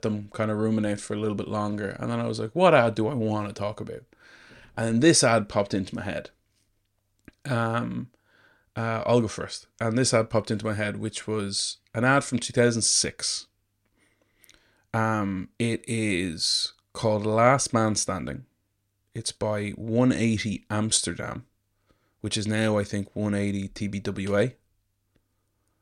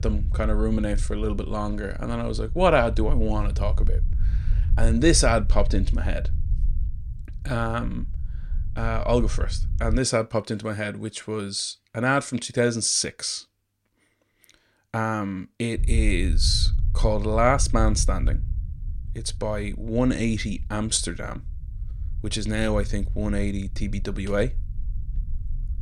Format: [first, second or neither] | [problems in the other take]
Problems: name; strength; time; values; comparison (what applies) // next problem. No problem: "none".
first | low rumble; faint; until 10 s and from 16 s on; 20 dB below the speech